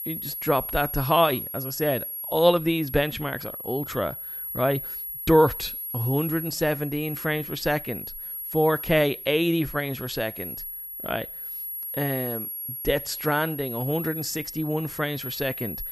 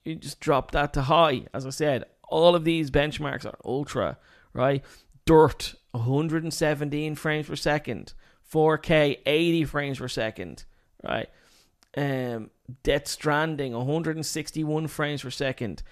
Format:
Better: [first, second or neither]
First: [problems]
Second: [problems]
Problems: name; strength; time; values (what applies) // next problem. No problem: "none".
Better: second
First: high-pitched whine; loud; throughout; 11.5 kHz, 7 dB below the speech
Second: none